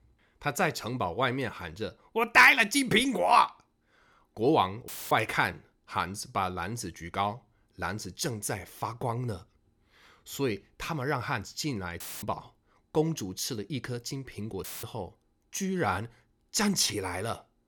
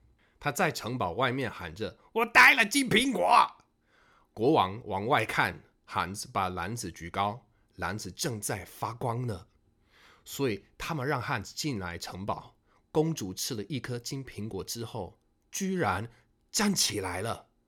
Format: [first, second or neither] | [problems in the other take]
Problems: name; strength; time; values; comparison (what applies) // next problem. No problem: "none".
second | audio cutting out; filled with static; at 5 s, at 12 s and at 15 s